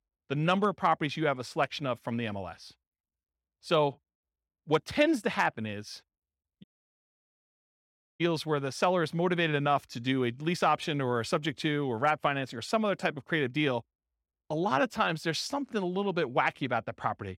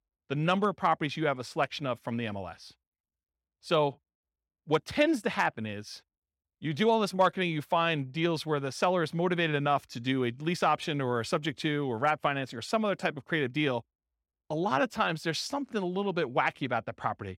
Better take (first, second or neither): second